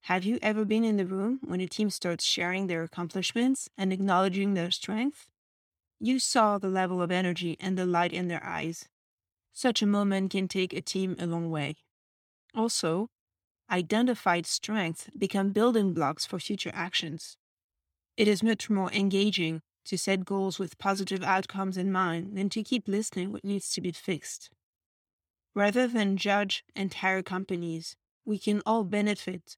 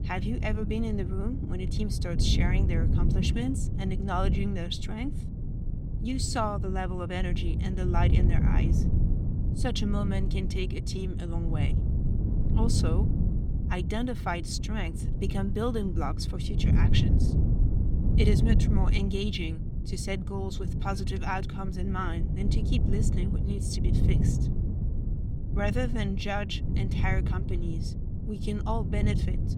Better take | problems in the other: first | wind noise on the microphone; heavy; 6 dB below the speech

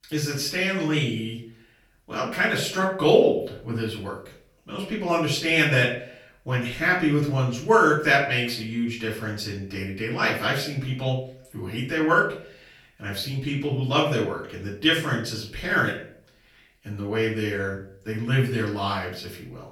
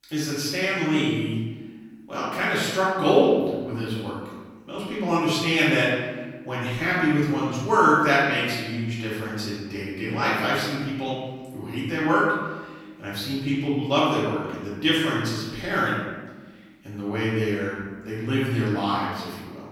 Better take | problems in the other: first | room echo; strong; dies away in 1.2 s; slight in the first // off-mic speech; far; far in the first

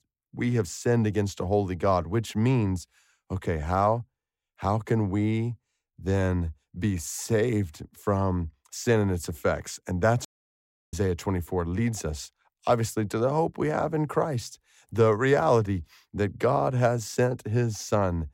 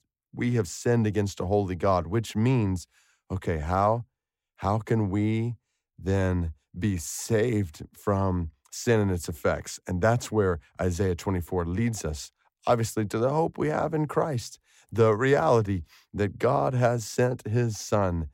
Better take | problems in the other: second | audio cutting out; at 10 s for 0.5 s

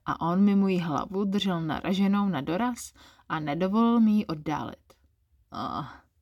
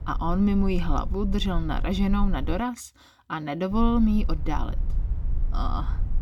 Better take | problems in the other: first | low rumble; faint; until 2.5 s and from 3.5 s on; 20 dB below the speech

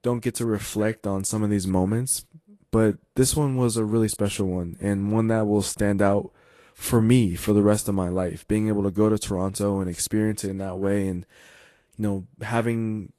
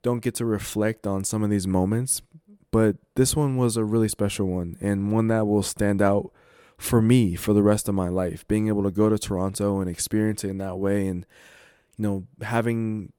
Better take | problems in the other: second | garbled, watery; slightly

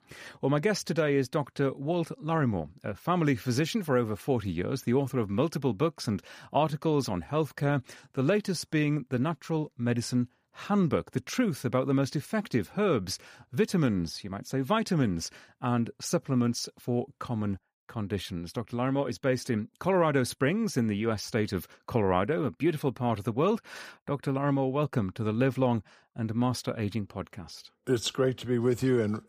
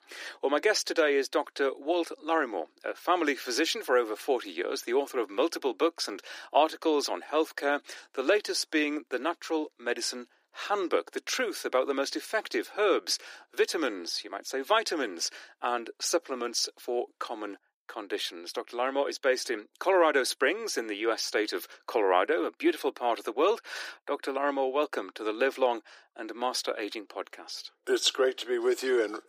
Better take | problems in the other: first | thin; very; fading below 300 Hz

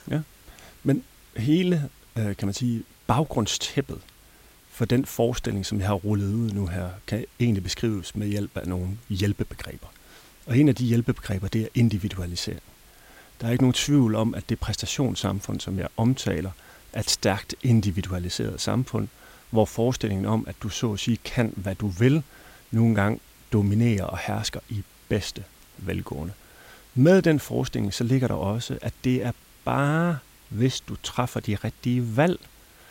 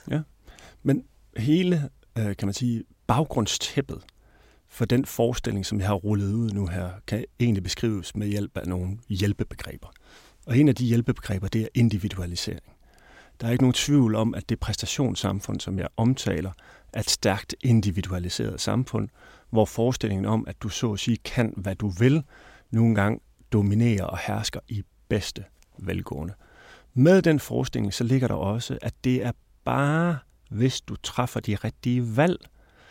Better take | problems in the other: second | hiss; faint; throughout; 25 dB below the speech

